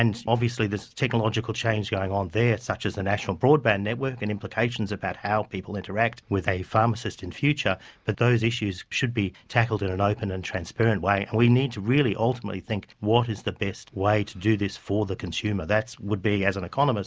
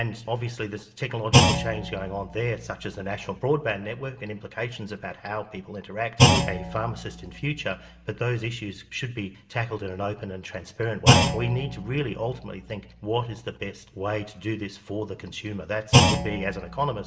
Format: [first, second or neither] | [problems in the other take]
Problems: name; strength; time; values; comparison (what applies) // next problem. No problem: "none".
first | background sound (Thump, thud); 3 dB above the speech // room echo; dies away in 0.7 s